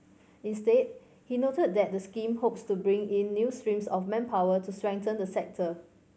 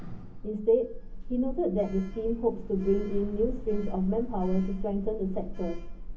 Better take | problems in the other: first | background sound (Sliding door); 5 dB below the speech // room echo; dies away in 0.3 s

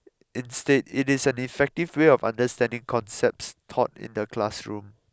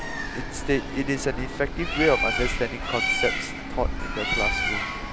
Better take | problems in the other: first | background sound (Bird); 1 dB above the speech

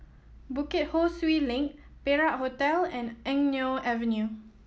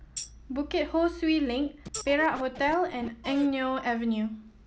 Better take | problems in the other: first | background sound (Tambourine + Scratching (performance technique)); 14 dB below the speech

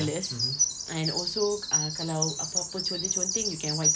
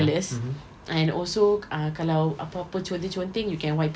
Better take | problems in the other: second | background sound (Bird vocalization, bird call, bird song); 3 dB above the speech

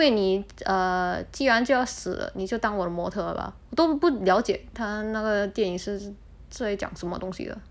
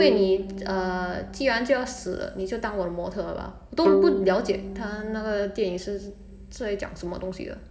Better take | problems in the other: first | background sound (Bowed string instrument); 4 dB below the speech // room echo; dies away in 2.8 s

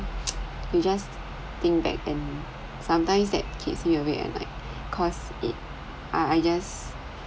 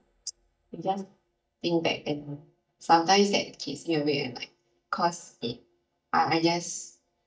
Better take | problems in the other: first | noise reduction (neural mask model DeepFilterNet 3)

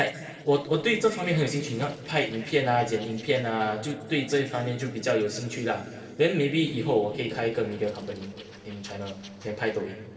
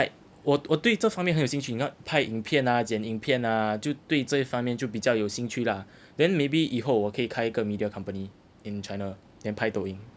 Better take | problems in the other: second | noise reduction (neural separator model SepFormer DNS4)

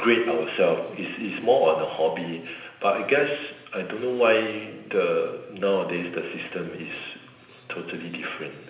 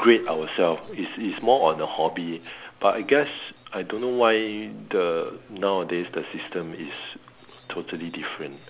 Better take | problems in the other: second | room echo; dies away in 0.9 s

